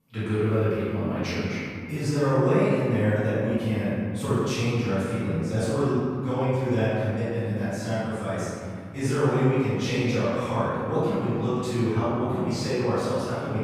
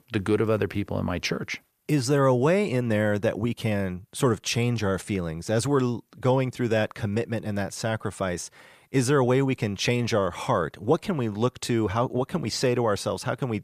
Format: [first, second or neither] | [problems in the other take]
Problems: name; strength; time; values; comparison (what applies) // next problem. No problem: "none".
second | off-mic speech; far // room echo; strong; dies away in 2.3 s